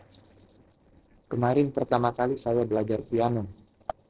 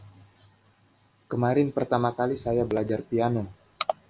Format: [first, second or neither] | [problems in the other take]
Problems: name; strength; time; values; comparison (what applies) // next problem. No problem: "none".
second | noise reduction (neural separator model SepFormer DNS4)